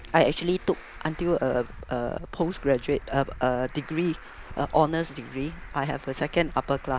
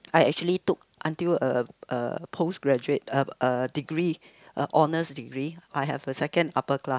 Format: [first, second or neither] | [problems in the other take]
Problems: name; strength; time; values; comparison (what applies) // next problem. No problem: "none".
second | background sound (Traffic noise, roadway noise); 14 dB below the speech